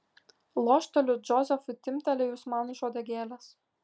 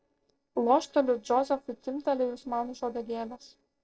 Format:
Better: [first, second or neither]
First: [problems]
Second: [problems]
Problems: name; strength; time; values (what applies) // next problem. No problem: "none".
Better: first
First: none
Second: noise reduction (neural separator model SepFormer DNS4)